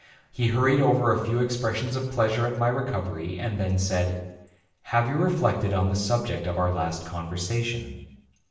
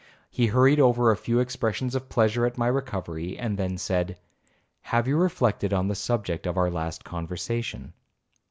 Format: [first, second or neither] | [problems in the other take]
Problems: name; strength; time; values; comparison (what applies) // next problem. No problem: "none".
second | room echo; dies away in 0.7 s